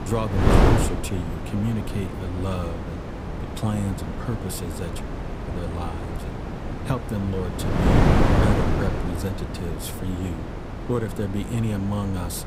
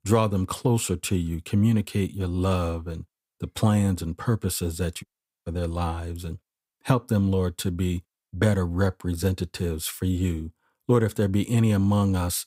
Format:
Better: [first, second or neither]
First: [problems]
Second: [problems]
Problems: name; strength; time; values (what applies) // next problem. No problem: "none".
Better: second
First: wind noise on the microphone; heavy; 3 dB above the speech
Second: none